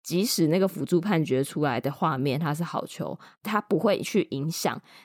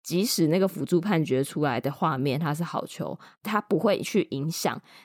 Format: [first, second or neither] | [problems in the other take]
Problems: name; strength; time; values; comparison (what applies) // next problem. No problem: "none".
neither | none